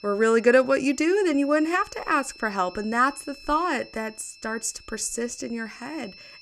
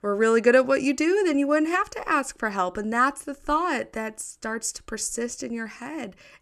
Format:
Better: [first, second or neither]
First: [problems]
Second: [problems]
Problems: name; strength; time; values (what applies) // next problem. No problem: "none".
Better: second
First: high-pitched whine; faint; throughout; 2.5 kHz, 20 dB below the speech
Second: none